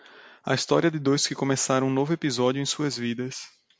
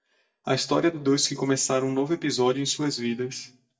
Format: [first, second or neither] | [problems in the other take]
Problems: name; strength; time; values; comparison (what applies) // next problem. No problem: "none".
first | noise reduction (neural mask model DeepFilterNet 3)